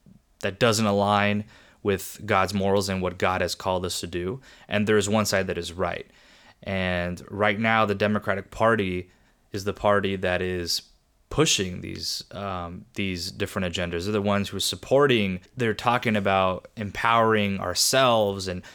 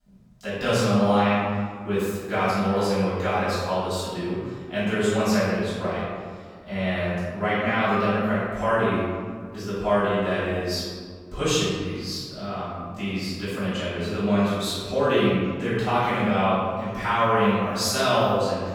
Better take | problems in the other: first | off-mic speech; far // room echo; strong; dies away in 1.7 s

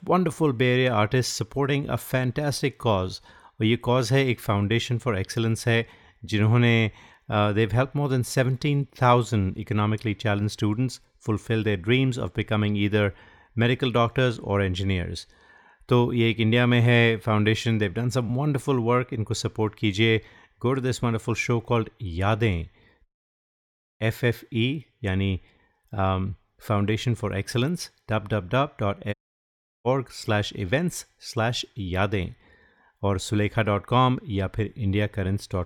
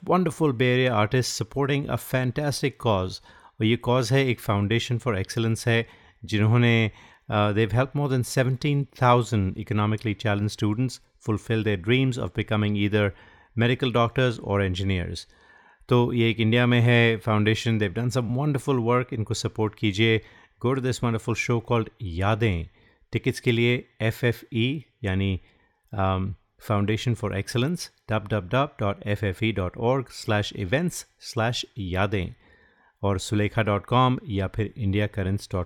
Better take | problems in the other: second | audio cutting out; at 23 s for 1 s and at 29 s for 0.5 s

